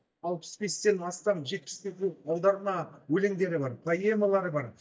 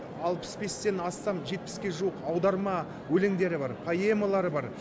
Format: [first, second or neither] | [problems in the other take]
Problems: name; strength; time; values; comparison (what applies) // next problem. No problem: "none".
second | noise reduction (neural mask model DeepFilterNet 3)